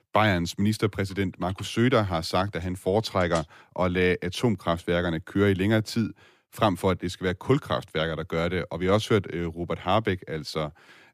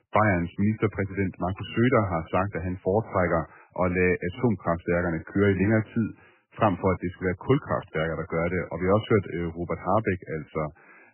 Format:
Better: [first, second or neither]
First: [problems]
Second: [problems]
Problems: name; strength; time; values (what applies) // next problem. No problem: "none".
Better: first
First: none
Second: garbled, watery; badly; nothing above 3 kHz